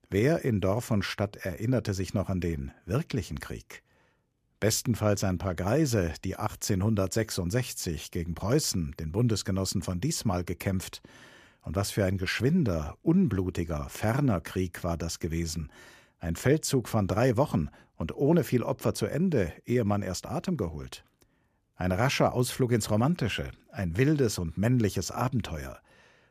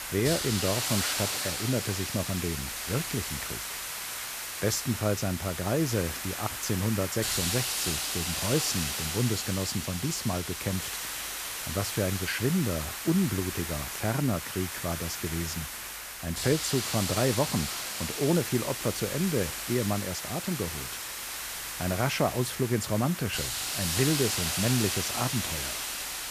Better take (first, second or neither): first